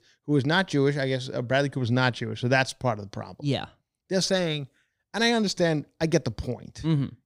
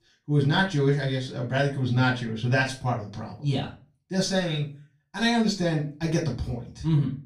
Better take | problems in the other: first | off-mic speech; far // room echo; slight; dies away in 0.3 s

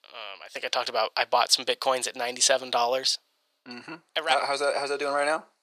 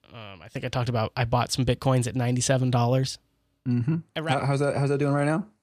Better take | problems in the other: second | thin; very; fading below 550 Hz

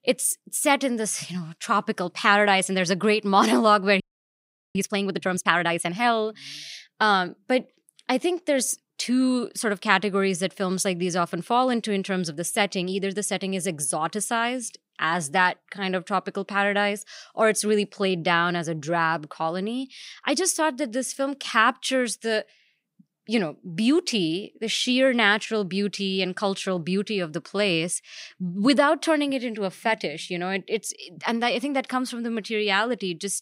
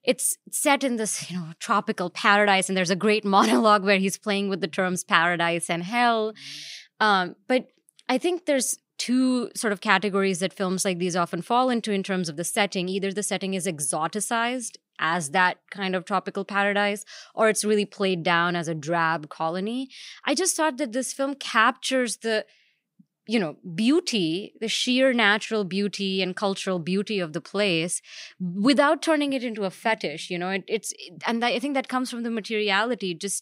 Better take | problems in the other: second | audio freezing; at 4 s for 1 s

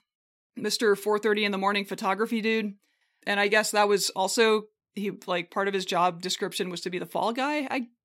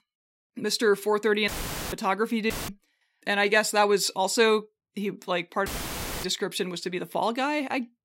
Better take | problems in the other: first | audio cutting out; filled with static; at 1.5 s, at 2.5 s and at 5.5 s for 0.5 s

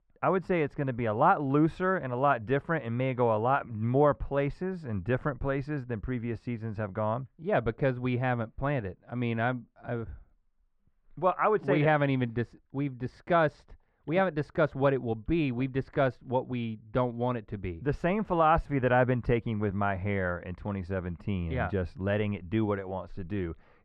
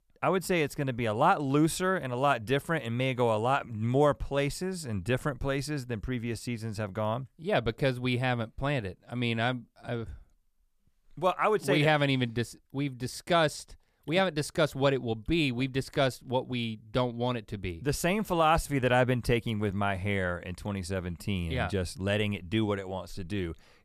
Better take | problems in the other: second | muffled; very; fading above 1.5 kHz

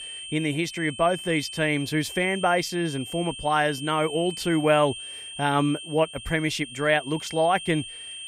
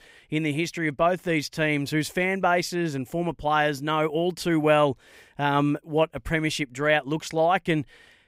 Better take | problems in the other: second | high-pitched whine; noticeable; throughout; 3 kHz, 10 dB below the speech

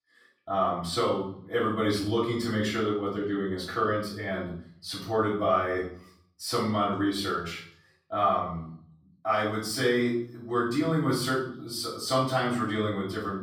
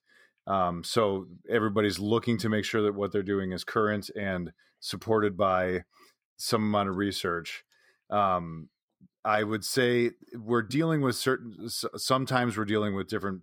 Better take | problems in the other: second | off-mic speech; far // room echo; noticeable; dies away in 0.5 s

